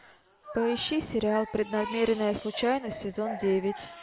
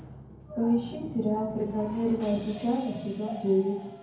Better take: first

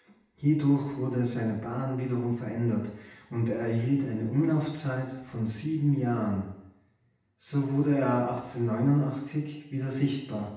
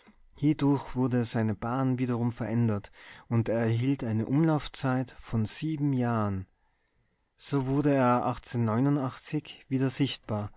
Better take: second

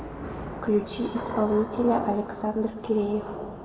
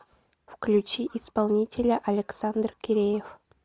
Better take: second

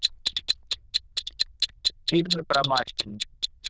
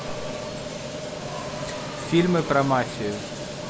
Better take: second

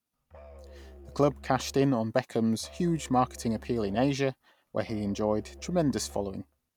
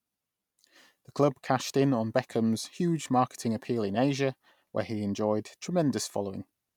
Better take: second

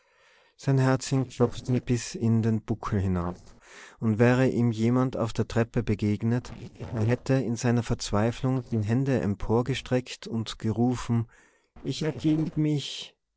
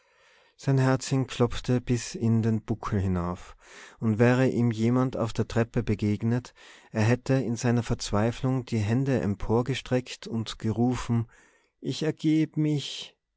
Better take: second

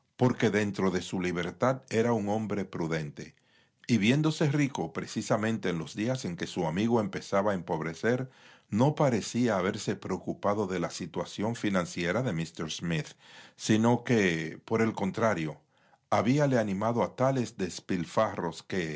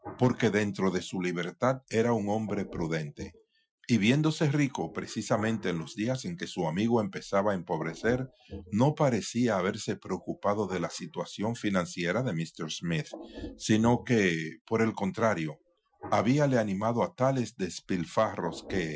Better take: first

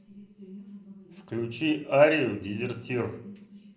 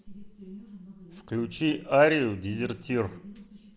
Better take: second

